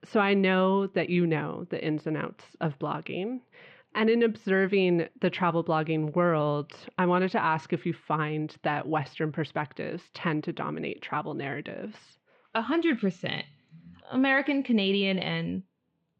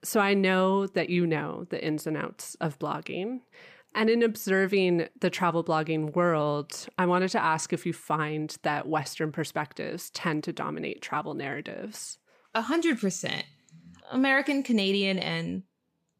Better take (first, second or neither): second